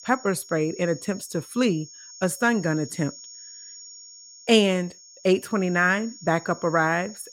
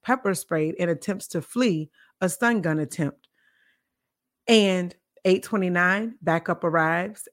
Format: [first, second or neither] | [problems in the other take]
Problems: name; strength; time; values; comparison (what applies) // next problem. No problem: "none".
second | high-pitched whine; noticeable; throughout; 6.5 kHz, 20 dB below the speech